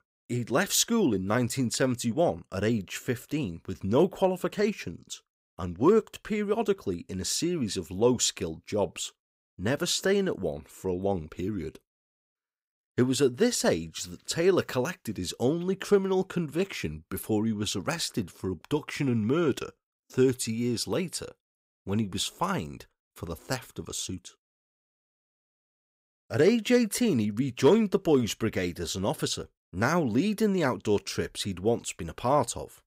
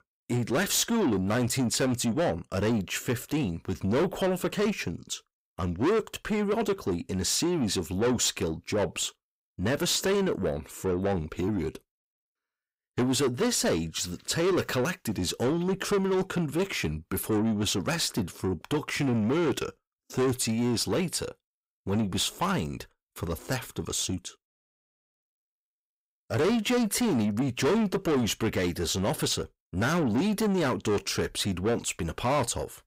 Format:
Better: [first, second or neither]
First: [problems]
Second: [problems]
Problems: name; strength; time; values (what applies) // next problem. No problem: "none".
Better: first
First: none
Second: distortion; heavy; 7 dB below the speech